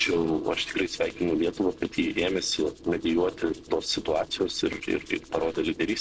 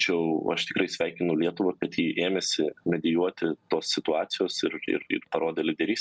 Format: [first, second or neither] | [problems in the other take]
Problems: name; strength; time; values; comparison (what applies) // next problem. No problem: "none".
second | noise reduction (neural separator model SepFormer DNS4)